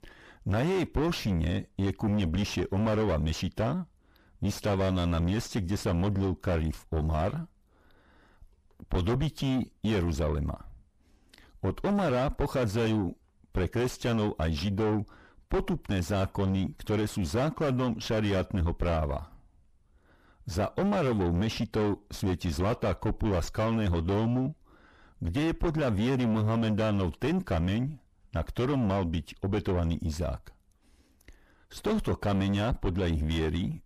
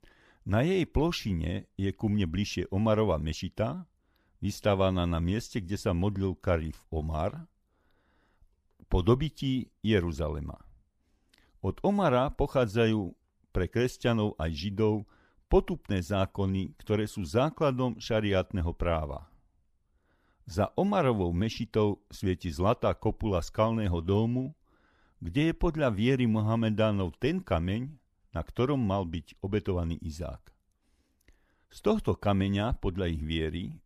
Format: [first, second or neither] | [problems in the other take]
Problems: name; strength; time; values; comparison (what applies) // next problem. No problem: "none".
second | distortion; heavy; 6 dB below the speech